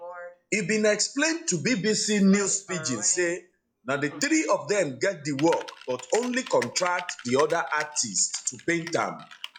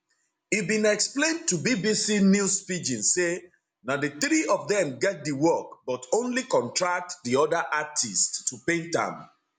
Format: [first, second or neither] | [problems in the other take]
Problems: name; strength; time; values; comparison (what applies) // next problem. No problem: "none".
second | noise reduction (classical method log-MMSE)